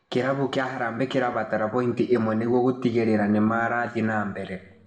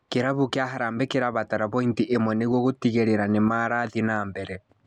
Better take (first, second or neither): second